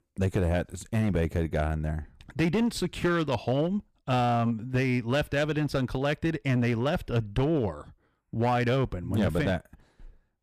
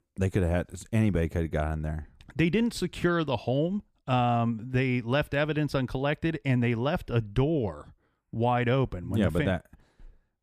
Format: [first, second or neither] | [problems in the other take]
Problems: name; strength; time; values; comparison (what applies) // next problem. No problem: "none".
second | distortion; slight; 7% of the sound clipped